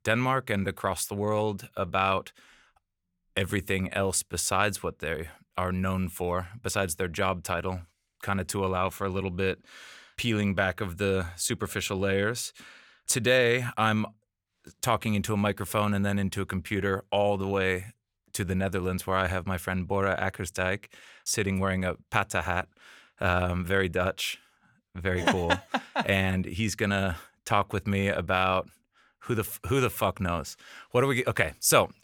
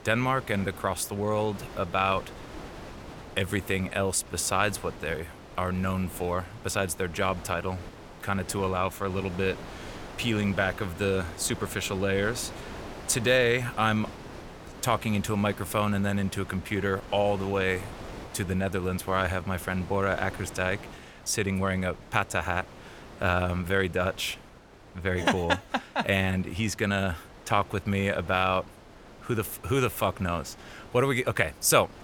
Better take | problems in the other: first | wind noise on the microphone; occasional gusts; 15 dB below the speech

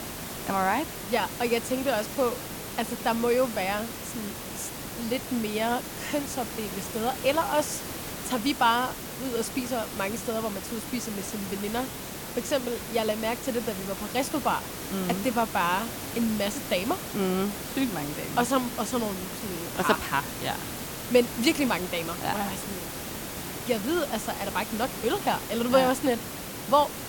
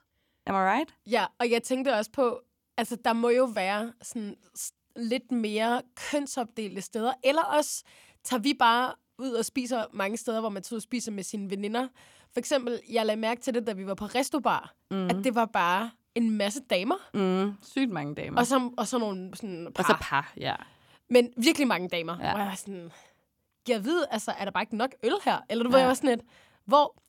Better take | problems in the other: second | hiss; loud; throughout; 6 dB below the speech

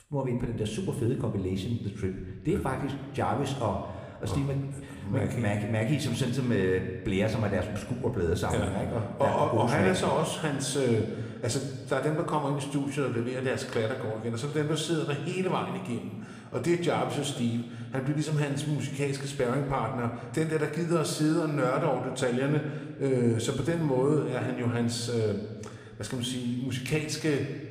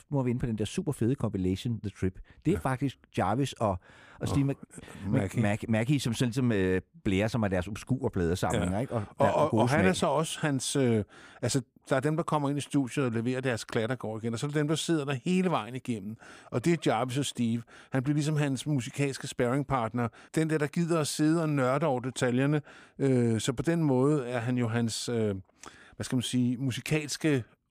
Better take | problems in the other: second | room echo; slight; dies away in 1.2 s

